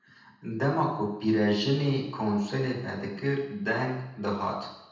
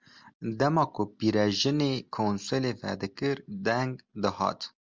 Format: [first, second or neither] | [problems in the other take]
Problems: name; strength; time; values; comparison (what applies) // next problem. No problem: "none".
second | room echo; dies away in 0.9 s